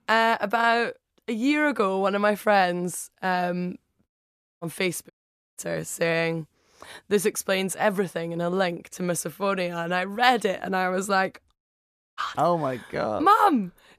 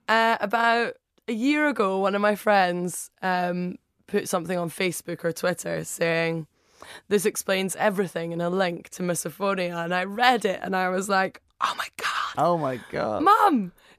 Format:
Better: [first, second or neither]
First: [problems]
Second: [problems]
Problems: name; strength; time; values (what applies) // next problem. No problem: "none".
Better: second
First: audio cutting out; at 4 s for 0.5 s, at 5 s and at 12 s for 0.5 s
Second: none